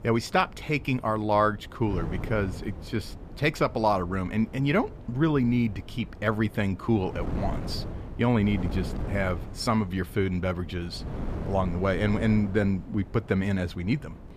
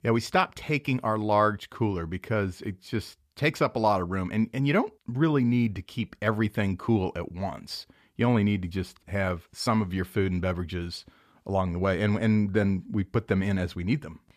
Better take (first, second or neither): second